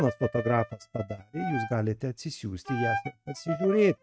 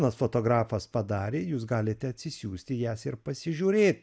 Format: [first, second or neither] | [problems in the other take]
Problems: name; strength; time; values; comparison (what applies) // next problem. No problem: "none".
second | noise reduction (neural mask model RNNoise)